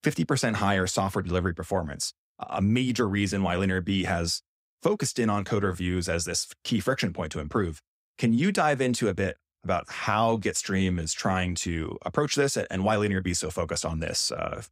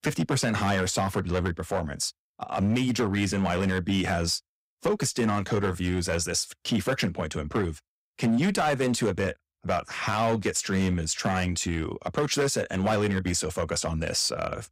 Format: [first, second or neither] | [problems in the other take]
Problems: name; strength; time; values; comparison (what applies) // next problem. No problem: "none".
first | distortion; slight; 7% of the sound clipped